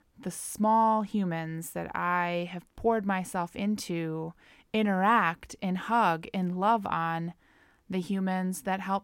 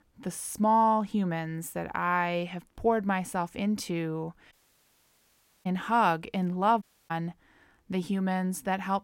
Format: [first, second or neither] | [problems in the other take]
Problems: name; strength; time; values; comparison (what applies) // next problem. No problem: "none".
first | audio cutting out; at 4.5 s for 1 s and at 7 s